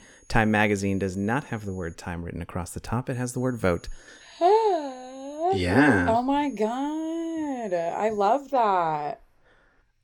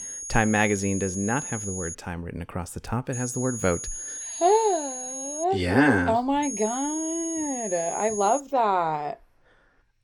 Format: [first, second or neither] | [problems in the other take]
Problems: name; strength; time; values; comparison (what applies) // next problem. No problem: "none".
first | high-pitched whine; loud; until 2 s, from 3 to 5.5 s and from 6.5 to 8.5 s; 6.5 kHz, 7 dB below the speech; faint in the first